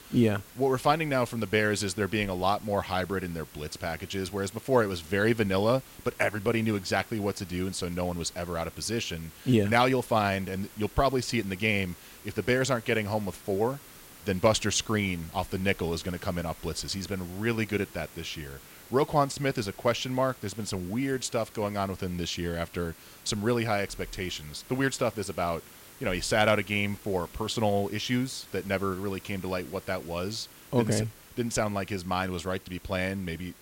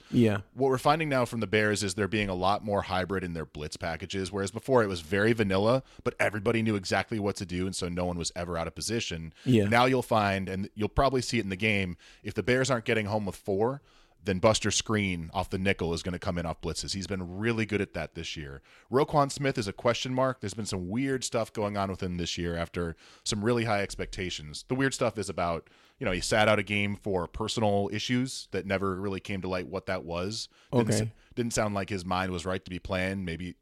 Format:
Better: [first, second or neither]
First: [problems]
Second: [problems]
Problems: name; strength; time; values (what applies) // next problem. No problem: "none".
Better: second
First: hiss; noticeable; throughout; 20 dB below the speech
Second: none